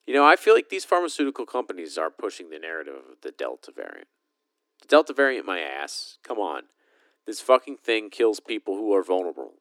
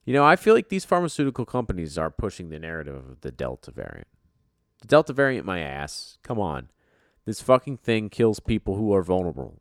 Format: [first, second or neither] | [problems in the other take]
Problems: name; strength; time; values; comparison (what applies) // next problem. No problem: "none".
second | thin; very slightly; fading below 300 Hz